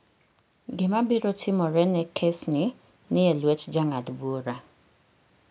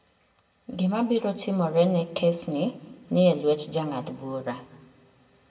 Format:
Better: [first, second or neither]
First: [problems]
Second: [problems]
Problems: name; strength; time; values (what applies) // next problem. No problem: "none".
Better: first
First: none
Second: room echo; dies away in 1.3 s